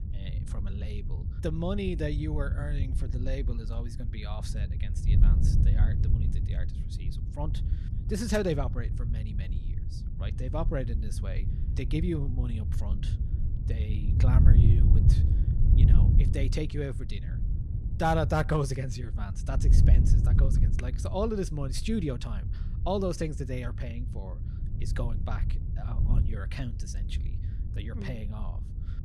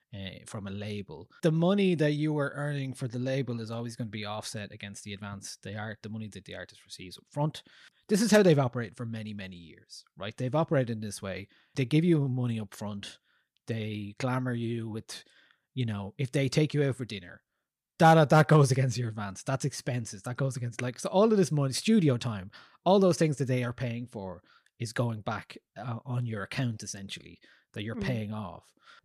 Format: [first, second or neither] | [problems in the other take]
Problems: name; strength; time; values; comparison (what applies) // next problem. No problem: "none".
second | wind noise on the microphone; heavy; 8 dB below the speech